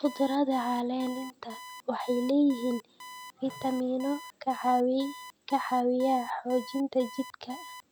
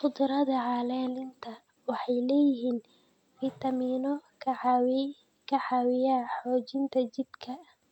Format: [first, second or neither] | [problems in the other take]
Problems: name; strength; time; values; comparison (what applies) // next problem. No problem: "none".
second | background sound (Alarm); 17 dB below the speech